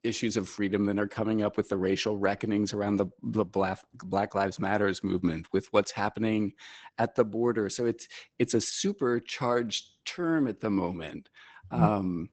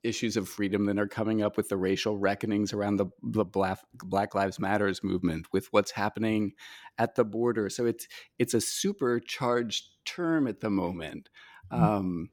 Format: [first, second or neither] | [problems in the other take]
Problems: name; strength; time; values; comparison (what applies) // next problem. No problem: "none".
second | garbled, watery; badly; nothing above 8 kHz